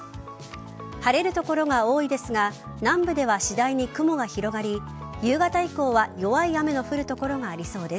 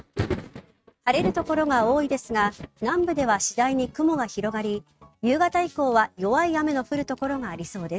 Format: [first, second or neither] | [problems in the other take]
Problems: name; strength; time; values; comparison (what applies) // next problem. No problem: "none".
first | noise reduction (neural mask model RNNoise)